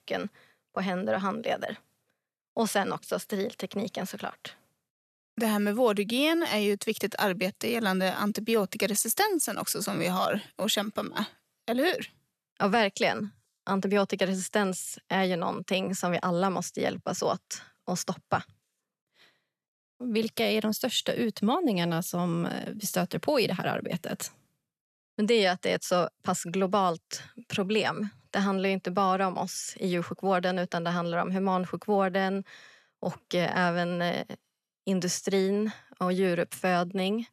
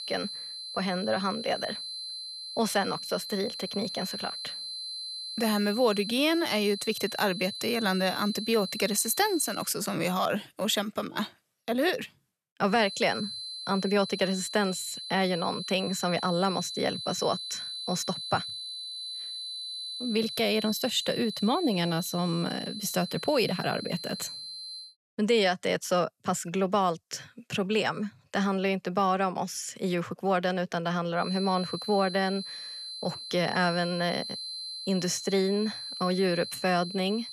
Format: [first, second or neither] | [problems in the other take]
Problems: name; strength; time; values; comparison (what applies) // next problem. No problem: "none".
first | high-pitched whine; loud; until 9.5 s, from 13 to 25 s and from 31 s on; 4 kHz, 7 dB below the speech